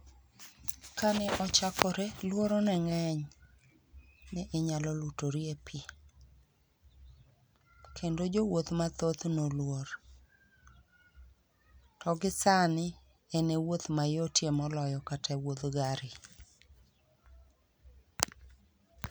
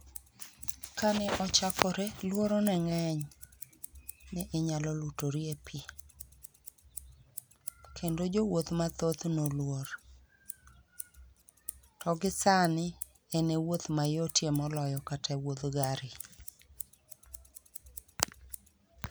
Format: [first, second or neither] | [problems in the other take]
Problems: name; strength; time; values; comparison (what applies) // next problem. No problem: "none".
first | background sound (Scissors); 16 dB below the speech